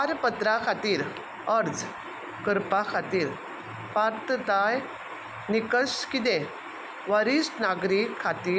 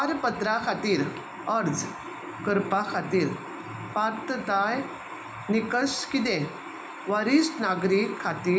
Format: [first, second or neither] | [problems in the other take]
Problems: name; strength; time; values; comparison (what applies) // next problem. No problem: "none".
first | room echo; dies away in 0.4 s